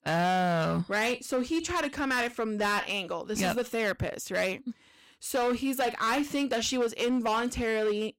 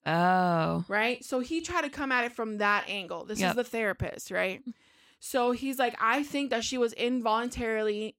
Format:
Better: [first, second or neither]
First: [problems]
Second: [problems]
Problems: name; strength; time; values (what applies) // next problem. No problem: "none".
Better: second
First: distortion; heavy; 14% of the sound clipped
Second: none